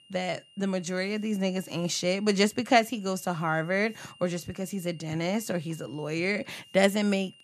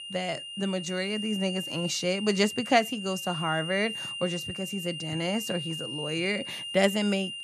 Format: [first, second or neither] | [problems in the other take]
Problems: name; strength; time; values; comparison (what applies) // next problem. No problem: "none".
first | high-pitched whine; loud; throughout; 3 kHz, 6 dB below the speech; faint in the first